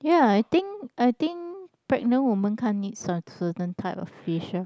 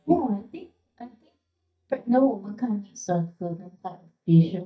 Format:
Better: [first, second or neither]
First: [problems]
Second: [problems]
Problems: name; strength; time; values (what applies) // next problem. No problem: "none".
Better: first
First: none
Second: noise reduction (neural mask model DeepFilterNet 3)